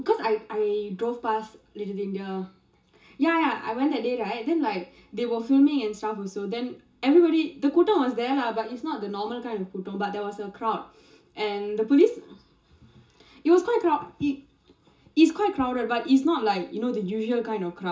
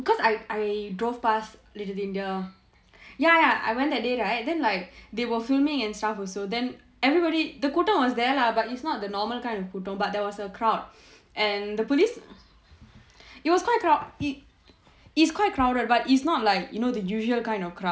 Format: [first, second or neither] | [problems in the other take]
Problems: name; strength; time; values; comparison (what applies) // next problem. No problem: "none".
second | room echo; dies away in 0.2 s